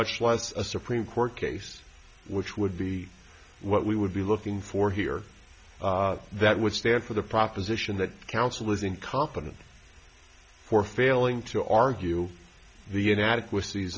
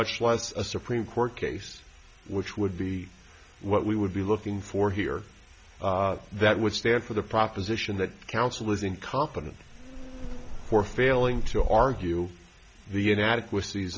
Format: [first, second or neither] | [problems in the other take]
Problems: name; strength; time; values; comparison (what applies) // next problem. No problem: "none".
first | background sound (Insect); 4 dB below the speech